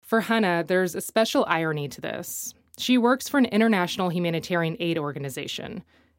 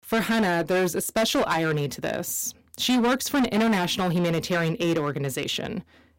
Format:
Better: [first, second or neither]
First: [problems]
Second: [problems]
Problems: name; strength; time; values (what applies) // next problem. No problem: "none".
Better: first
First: none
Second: distortion; heavy; 15% of the sound clipped